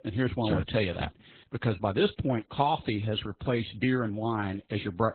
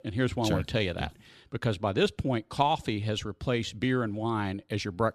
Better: second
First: garbled, watery; badly; nothing above 4 kHz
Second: none

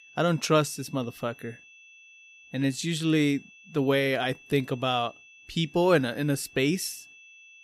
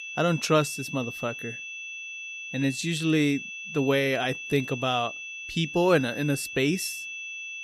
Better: first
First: high-pitched whine; faint; throughout; 2.5 kHz, 25 dB below the speech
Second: high-pitched whine; loud; throughout; 2.5 kHz, 9 dB below the speech

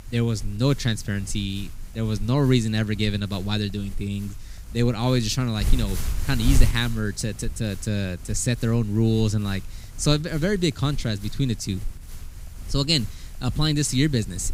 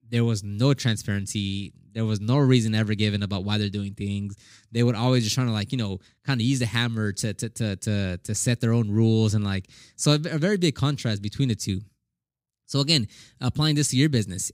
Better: second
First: wind noise on the microphone; occasional gusts; 15 dB below the speech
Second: none

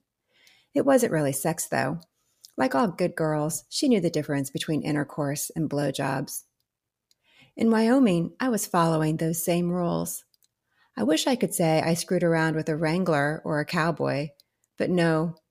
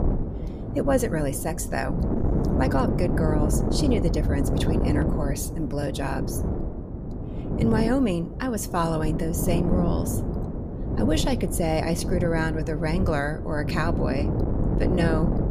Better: first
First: none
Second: wind noise on the microphone; heavy; 5 dB below the speech

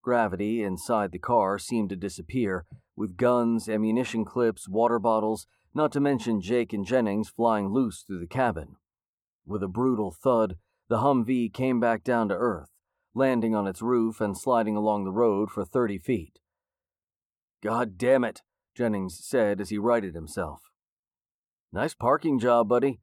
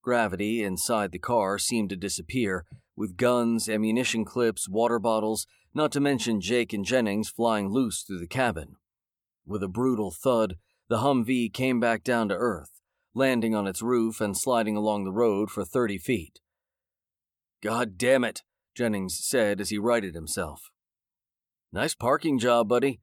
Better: second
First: muffled; slightly; fading above 2 kHz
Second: none

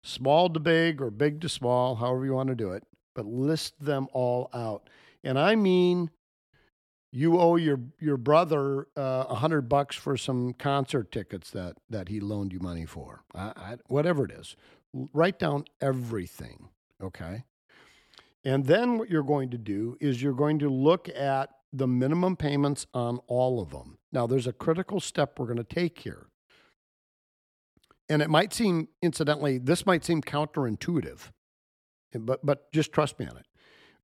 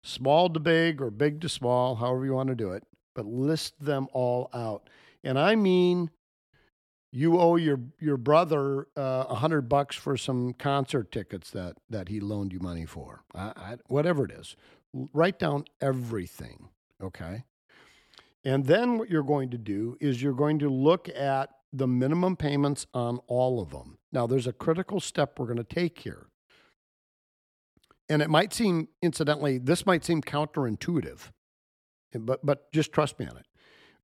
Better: neither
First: none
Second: none

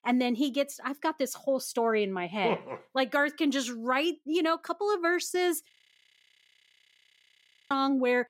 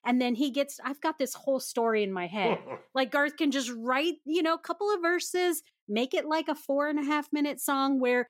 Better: second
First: audio freezing; at 5.5 s for 2 s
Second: none

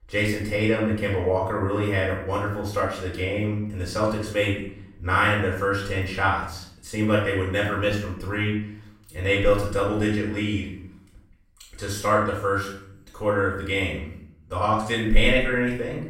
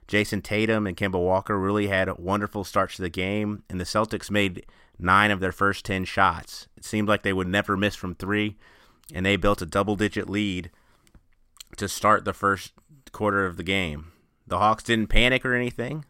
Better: second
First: off-mic speech; far // room echo; noticeable; dies away in 0.6 s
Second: none

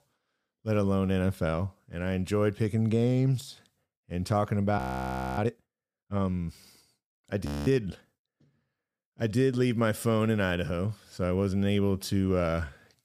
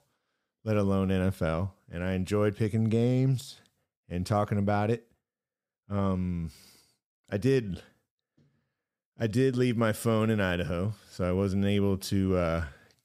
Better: second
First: audio freezing; at 5 s for 0.5 s and at 7.5 s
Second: none

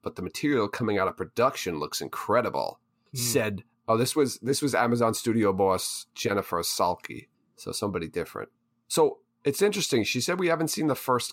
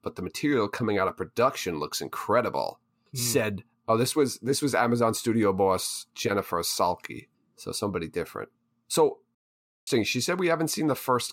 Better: first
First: none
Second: audio cutting out; at 9.5 s for 0.5 s

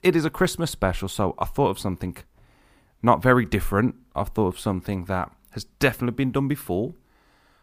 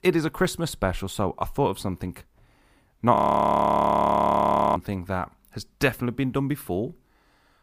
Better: first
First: none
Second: audio freezing; at 3 s for 1.5 s

